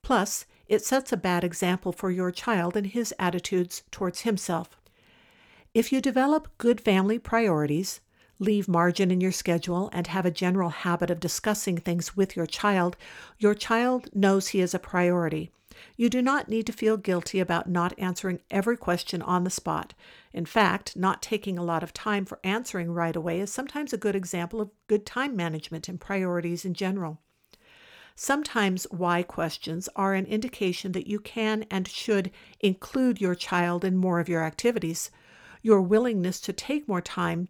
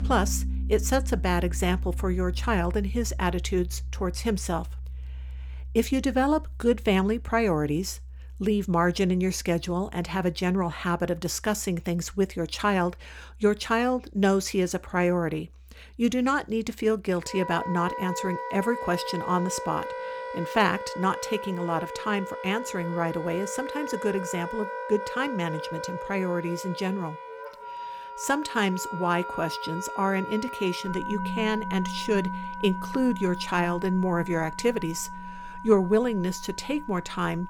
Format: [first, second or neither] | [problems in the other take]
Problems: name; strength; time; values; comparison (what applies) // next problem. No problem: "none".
first | background music; loud; throughout; 8 dB below the speech